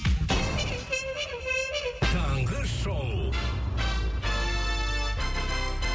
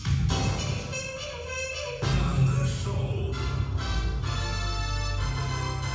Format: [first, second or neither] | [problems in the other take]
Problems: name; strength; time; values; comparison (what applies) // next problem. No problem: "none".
first | room echo; dies away in 1 s